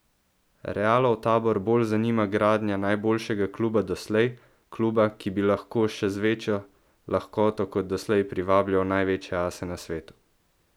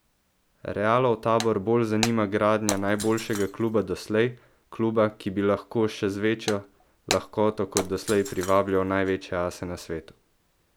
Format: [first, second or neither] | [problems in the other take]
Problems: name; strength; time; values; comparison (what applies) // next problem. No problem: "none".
first | background sound (Shatter); 12 dB below the speech